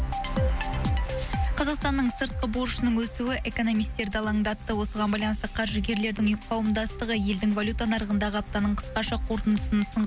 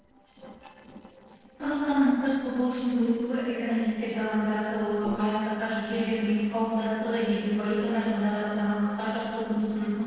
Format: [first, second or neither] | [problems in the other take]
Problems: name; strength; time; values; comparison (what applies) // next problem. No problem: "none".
first | noise reduction (neural separator model SepFormer DNS4)